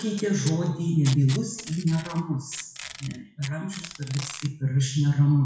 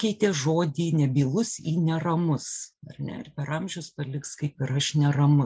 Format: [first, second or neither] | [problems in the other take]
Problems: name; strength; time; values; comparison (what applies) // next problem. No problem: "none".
second | noise reduction (classical method WPE with log-MMSE)